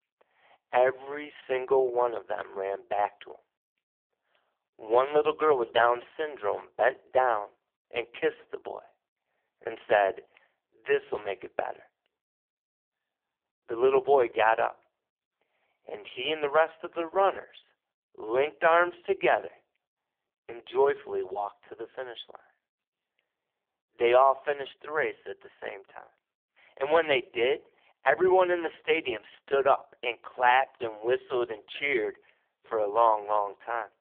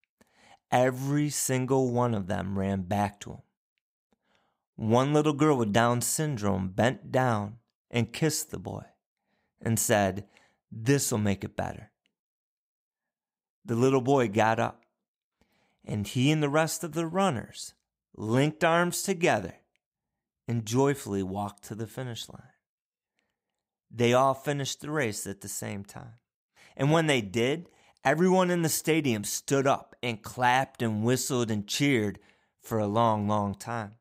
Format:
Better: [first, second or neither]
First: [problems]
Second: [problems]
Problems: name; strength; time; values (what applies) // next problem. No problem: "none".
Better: second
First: phone-call audio; poor line; nothing above 3.5 kHz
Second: none